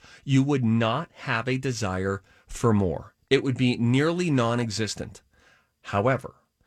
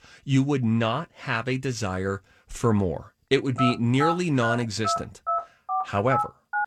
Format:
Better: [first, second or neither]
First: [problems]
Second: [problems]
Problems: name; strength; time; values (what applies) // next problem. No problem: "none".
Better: first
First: none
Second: phone ringing; noticeable; from 3.5 s on; peak 2 dB below the speech